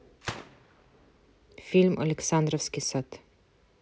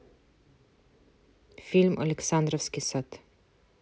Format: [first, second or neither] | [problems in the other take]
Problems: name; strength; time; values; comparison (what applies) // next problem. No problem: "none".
second | background sound (Gunshot, gunfire); 18 dB below the speech